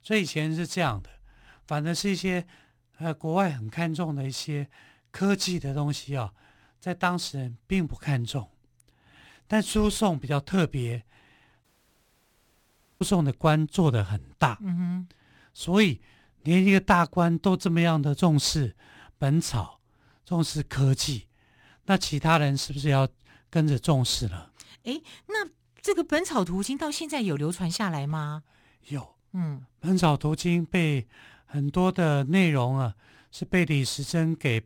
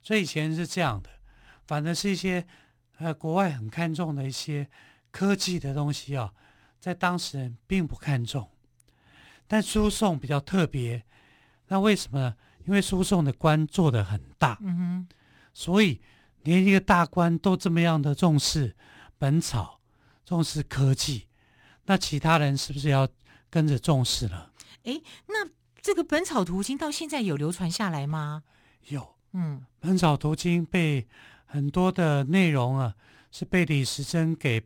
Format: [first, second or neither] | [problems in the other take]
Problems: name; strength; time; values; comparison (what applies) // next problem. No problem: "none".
second | audio cutting out; at 12 s for 1.5 s